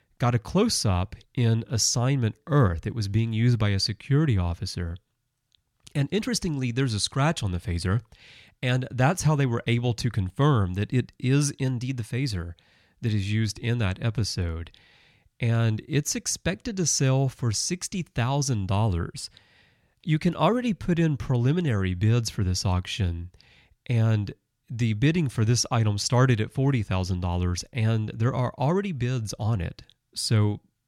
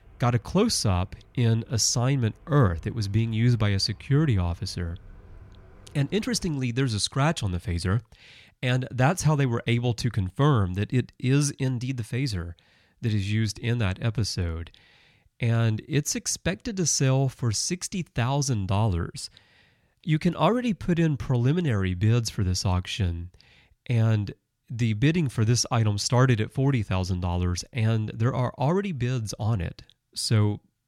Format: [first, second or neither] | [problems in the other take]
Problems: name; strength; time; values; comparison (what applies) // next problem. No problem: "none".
first | traffic noise; faint; until 6.5 s; 25 dB below the speech